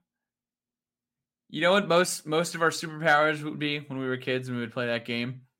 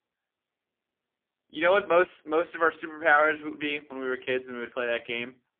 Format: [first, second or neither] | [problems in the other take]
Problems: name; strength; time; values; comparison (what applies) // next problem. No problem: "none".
first | phone-call audio; poor line; nothing above 3.5 kHz